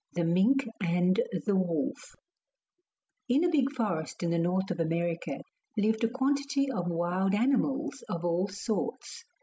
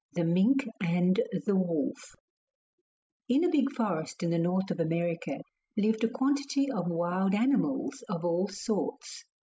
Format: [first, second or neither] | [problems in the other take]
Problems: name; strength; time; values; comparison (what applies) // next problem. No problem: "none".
first | noise reduction (neural mask model Resemble Enhance denoiser)